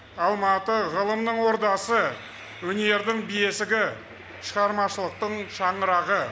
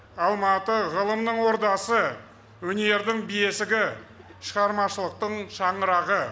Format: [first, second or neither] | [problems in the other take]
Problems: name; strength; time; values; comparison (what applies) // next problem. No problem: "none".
second | background sound (Train); 19 dB below the speech